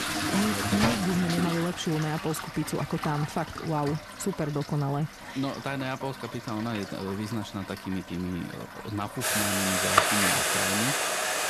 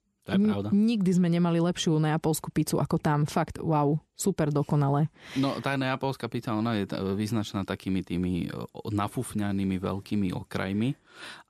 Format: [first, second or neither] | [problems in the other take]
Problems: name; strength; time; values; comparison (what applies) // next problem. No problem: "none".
second | household noises; very loud; throughout; 4 dB above the speech